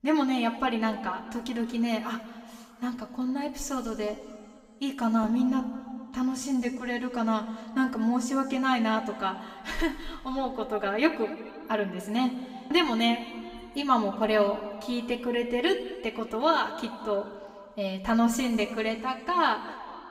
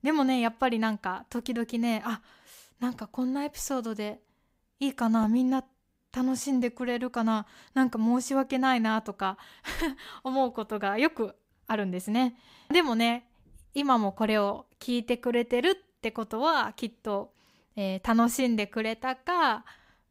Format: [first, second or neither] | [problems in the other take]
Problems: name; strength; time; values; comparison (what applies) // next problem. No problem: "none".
second | room echo; slight; dies away in 2.1 s // off-mic speech; somewhat distant